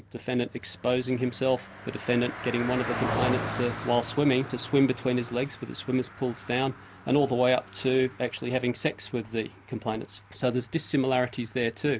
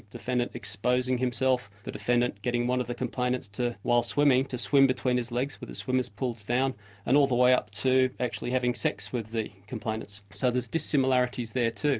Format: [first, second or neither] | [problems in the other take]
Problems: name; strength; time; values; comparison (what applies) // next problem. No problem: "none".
second | background sound (Car passing by); 11 dB below the speech